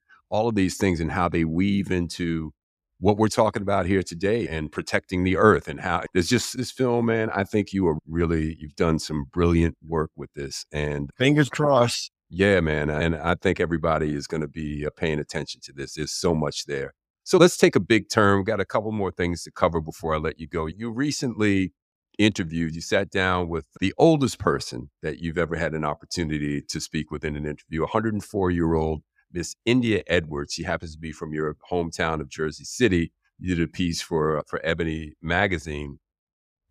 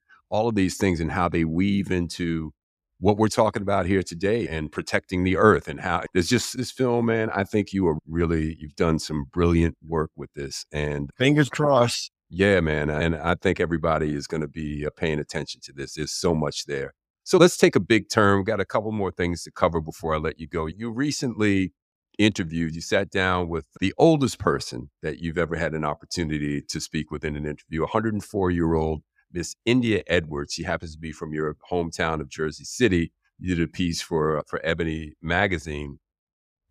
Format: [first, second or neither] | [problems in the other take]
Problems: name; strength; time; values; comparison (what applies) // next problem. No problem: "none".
neither | none